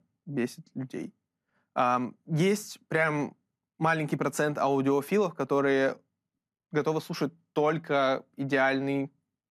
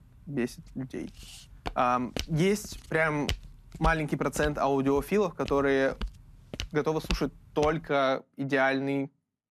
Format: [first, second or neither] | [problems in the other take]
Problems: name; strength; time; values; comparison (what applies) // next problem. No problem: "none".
first | footsteps; noticeable; from 1 to 7.5 s; peak 7 dB below the speech